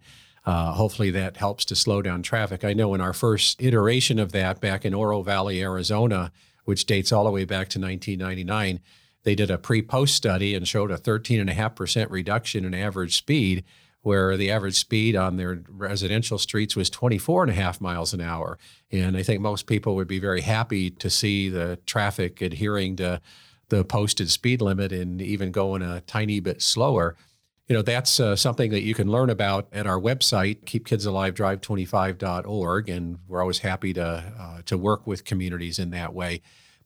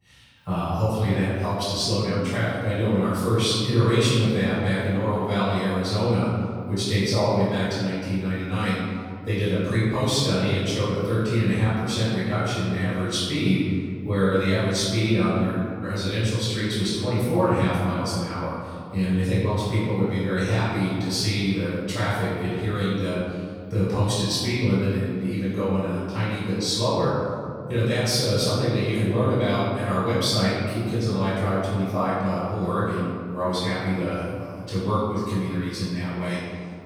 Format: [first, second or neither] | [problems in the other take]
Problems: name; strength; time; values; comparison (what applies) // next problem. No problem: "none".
first | room echo; strong; dies away in 2.2 s // off-mic speech; far